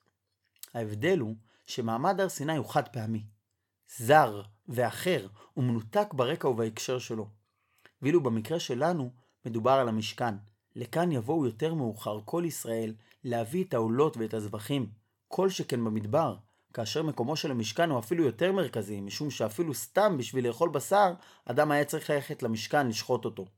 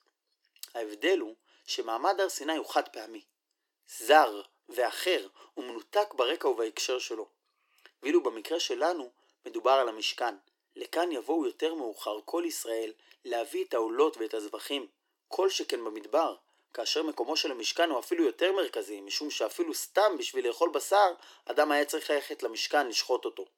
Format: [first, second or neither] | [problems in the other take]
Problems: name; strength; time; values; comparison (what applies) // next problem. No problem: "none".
first | thin; somewhat; fading below 300 Hz